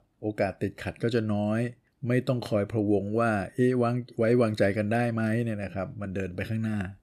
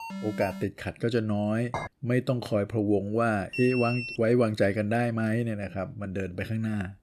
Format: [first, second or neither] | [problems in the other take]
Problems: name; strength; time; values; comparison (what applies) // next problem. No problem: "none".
first | alarm; noticeable; at the start and at 3.5 s; peak 4 dB below the speech // clattering dishes; noticeable; at 1.5 s; peak 8 dB below the speech